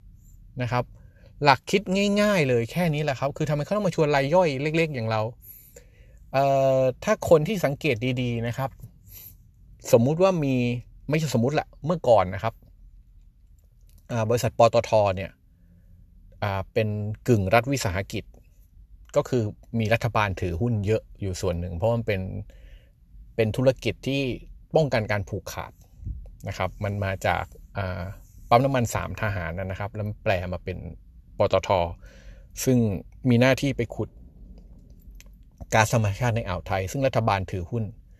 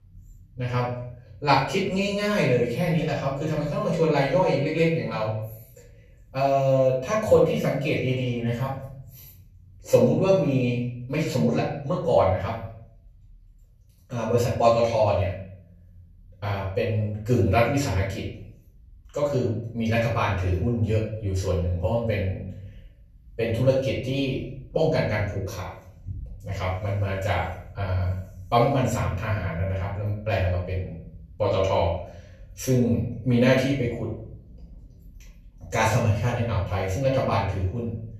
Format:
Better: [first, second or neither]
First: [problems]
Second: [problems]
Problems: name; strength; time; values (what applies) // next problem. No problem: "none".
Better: first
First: none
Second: room echo; noticeable; dies away in 0.6 s // off-mic speech; far